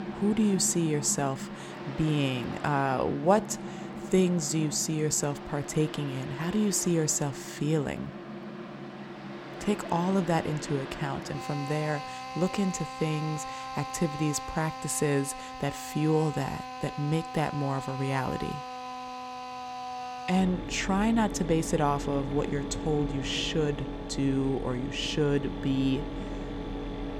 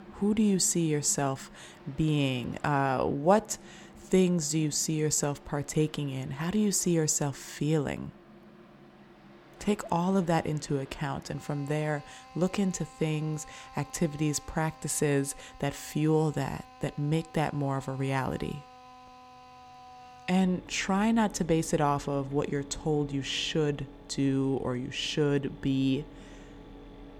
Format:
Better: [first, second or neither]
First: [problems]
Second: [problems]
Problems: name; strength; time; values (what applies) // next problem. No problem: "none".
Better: second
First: machinery noise; loud; throughout; 9 dB below the speech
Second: machinery noise; faint; throughout; 20 dB below the speech